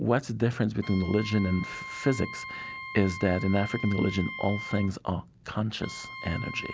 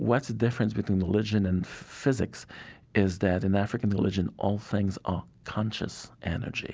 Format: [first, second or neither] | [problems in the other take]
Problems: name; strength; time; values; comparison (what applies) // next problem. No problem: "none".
second | background sound (Wind instrument, woodwind instrument); 12 dB below the speech